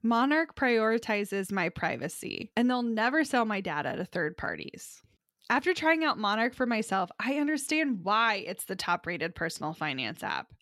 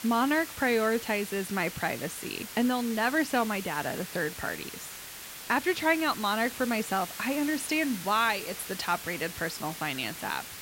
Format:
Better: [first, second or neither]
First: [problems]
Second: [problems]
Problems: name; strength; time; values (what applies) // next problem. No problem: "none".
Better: first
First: none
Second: hiss; loud; throughout; 10 dB below the speech